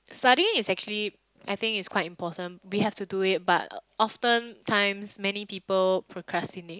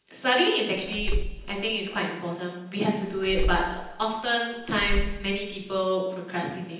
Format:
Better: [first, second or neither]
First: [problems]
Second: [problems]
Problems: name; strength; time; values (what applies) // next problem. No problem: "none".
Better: first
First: none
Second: background sound (Slam); 2 dB below the speech // room echo; dies away in 0.9 s